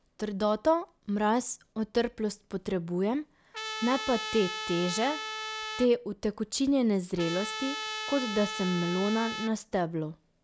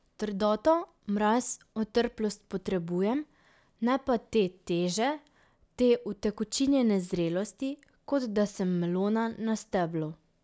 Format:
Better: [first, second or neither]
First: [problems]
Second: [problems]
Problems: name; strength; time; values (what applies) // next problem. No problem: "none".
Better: second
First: background sound (Trumpet); 7 dB below the speech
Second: none